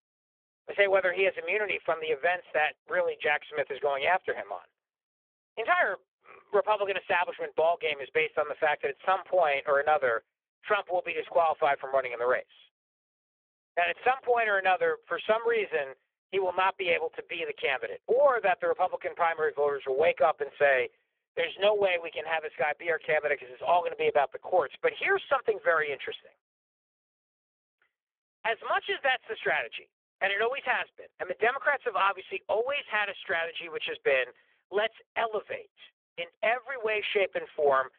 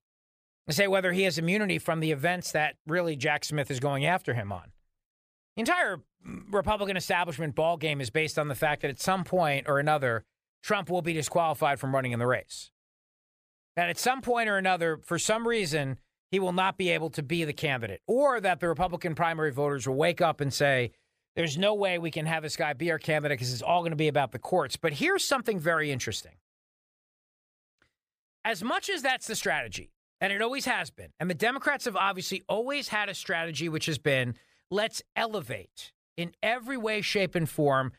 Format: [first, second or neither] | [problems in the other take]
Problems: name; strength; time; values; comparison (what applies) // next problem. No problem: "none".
second | phone-call audio; poor line